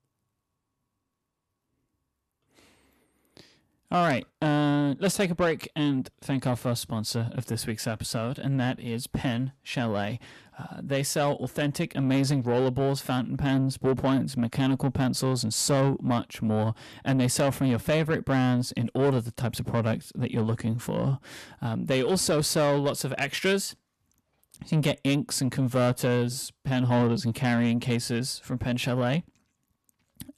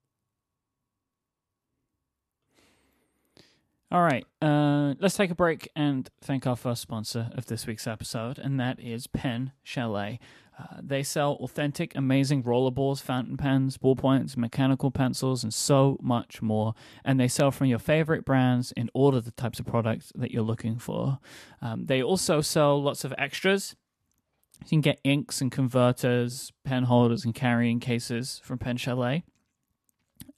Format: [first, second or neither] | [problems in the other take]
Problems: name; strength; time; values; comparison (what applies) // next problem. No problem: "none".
second | distortion; slight; 10 dB below the speech